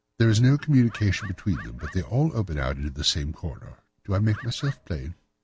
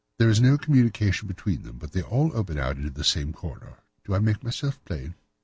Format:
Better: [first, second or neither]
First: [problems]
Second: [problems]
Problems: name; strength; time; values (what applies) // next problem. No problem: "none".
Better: second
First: background sound (Bird); 18 dB below the speech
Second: none